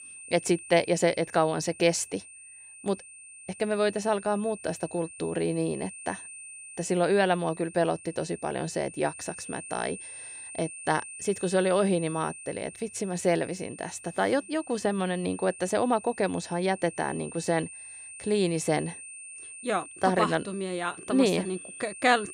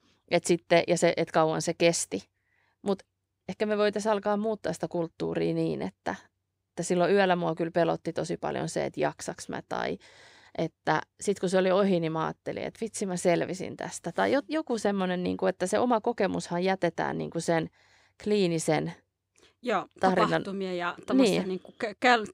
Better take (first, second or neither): second